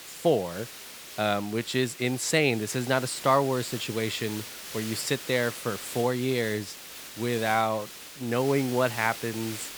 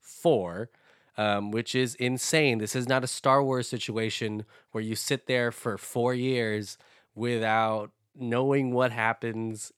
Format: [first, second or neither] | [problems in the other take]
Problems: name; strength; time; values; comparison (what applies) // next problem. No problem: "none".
second | hiss; noticeable; throughout; 10 dB below the speech